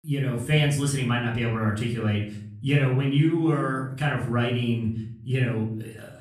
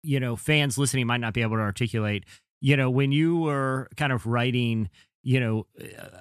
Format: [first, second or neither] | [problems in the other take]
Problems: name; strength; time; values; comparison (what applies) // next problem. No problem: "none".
second | off-mic speech; far // room echo; slight; dies away in 0.6 s